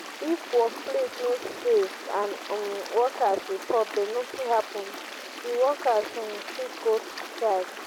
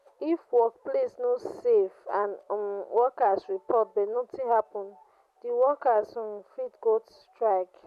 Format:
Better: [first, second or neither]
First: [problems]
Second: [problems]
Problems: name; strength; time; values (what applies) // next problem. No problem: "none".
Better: second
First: background sound (Stream); 11 dB below the speech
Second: none